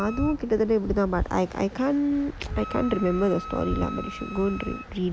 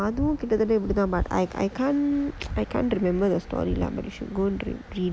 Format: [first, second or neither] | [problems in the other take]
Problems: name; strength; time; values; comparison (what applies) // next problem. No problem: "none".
second | background sound (Wind instrument, woodwind instrument); 15 dB below the speech